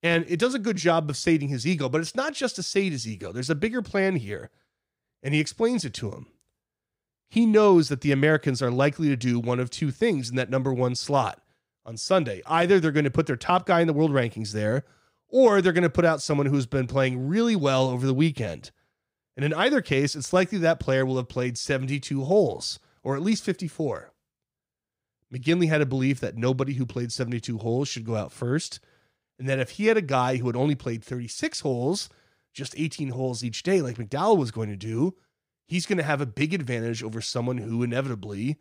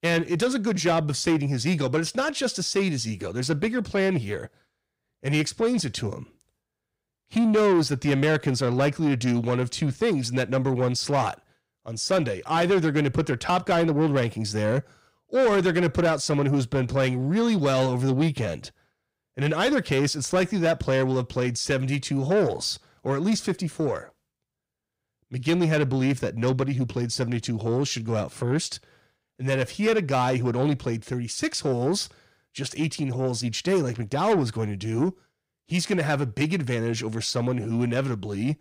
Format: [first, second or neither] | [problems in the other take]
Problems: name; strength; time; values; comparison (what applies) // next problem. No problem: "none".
first | distortion; slight; 10 dB below the speech